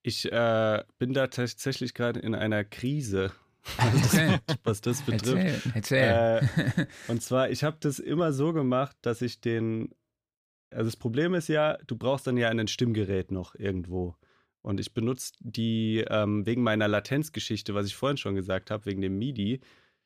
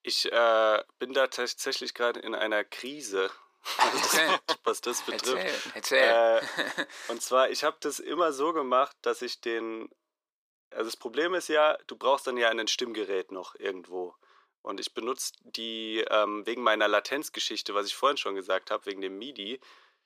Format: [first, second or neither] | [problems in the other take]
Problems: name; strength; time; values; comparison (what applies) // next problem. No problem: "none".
first | thin; very; fading below 350 Hz